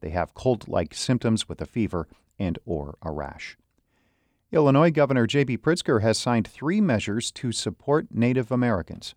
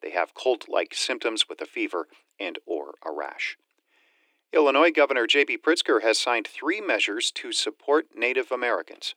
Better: first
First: none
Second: thin; very; fading below 300 Hz

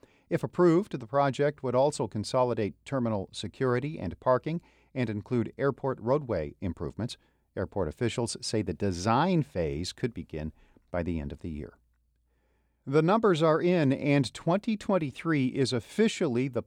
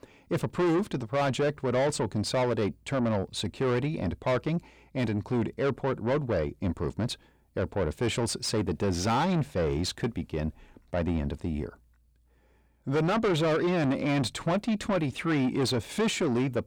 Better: first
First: none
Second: distortion; heavy; 7 dB below the speech

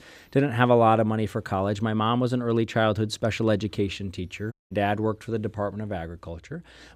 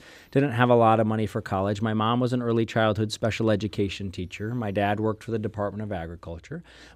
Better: second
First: audio cutting out; at 4.5 s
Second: none

